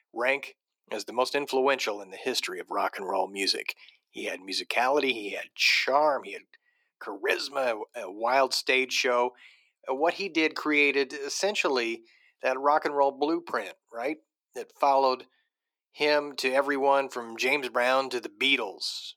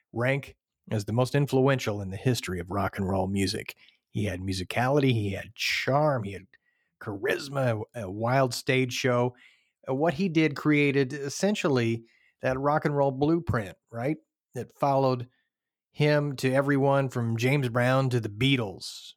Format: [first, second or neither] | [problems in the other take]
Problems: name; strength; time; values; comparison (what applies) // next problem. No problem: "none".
second | thin; somewhat; fading below 350 Hz